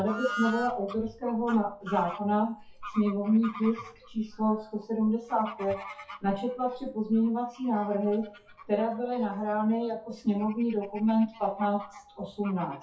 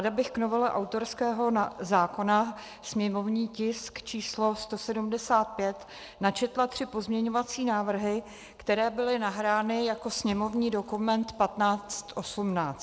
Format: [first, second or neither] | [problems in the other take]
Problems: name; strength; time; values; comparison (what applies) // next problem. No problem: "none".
second | noise reduction (classical method WPE with log-MMSE)